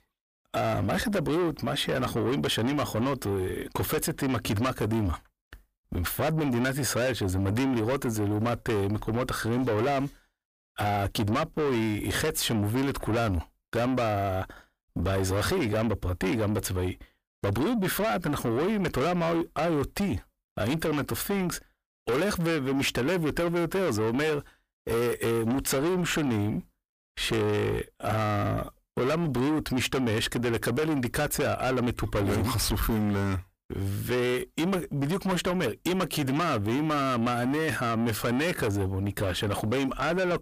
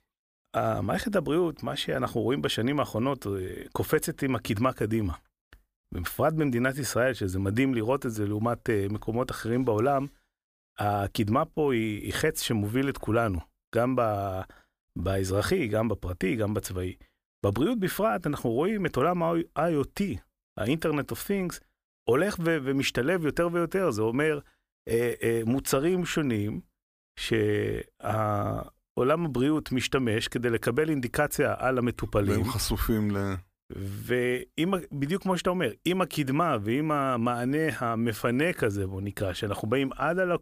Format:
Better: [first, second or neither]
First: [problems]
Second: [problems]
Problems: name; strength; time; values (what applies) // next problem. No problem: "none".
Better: second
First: distortion; heavy; 7 dB below the speech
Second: none